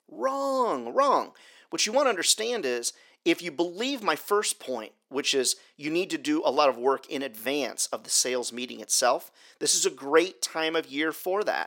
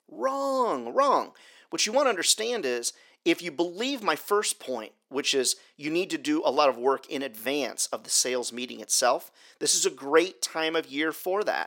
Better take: neither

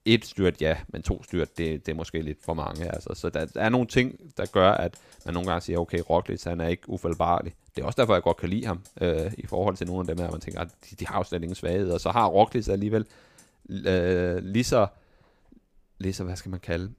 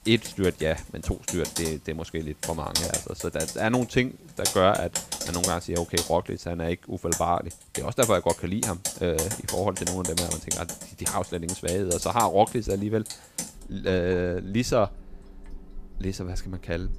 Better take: first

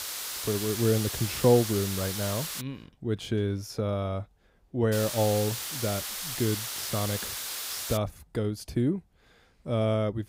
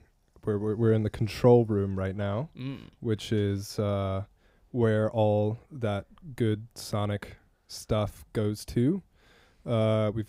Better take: second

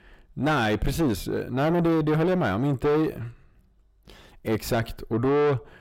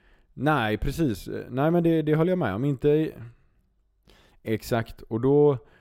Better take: second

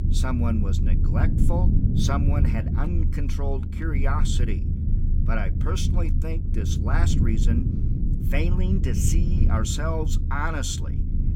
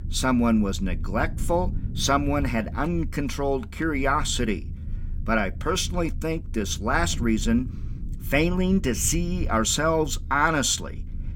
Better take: second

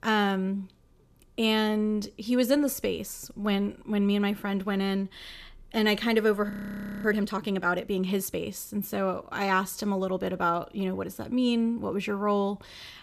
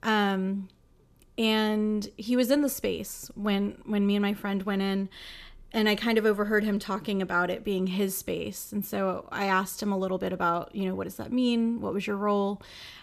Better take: second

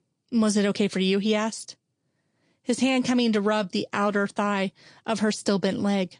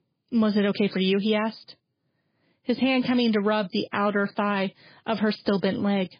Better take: first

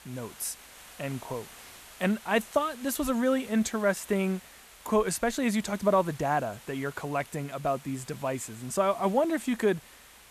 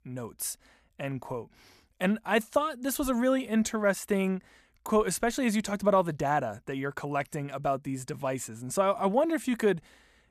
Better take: second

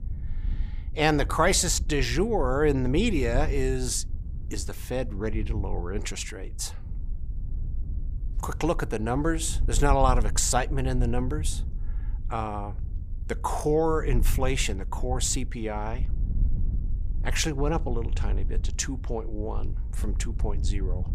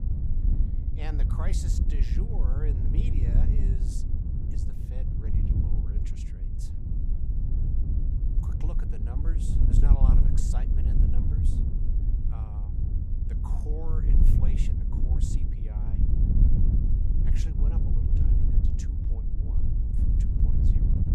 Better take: first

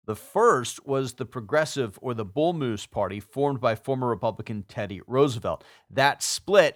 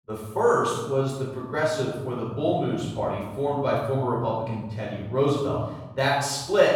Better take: first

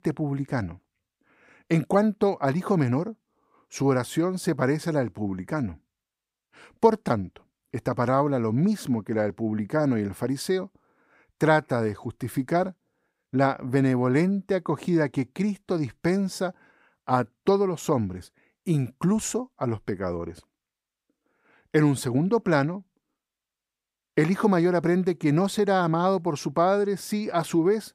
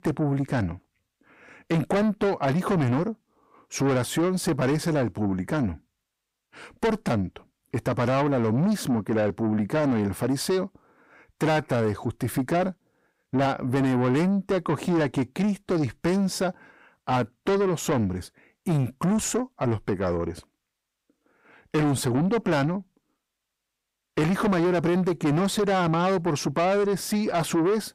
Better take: first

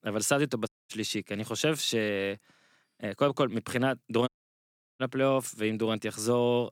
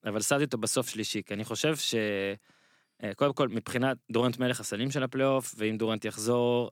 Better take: second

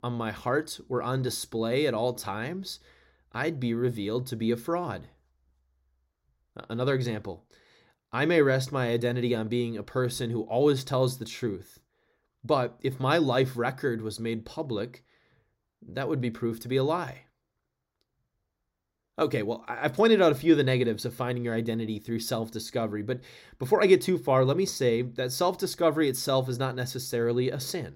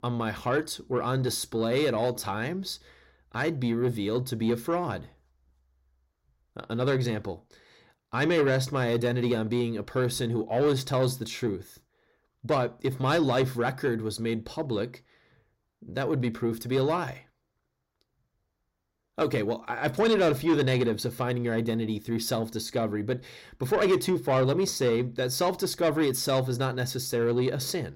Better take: first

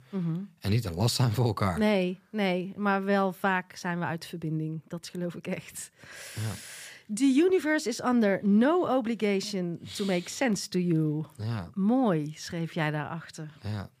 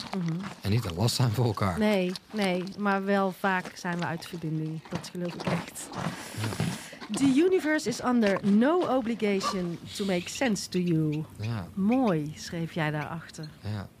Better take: first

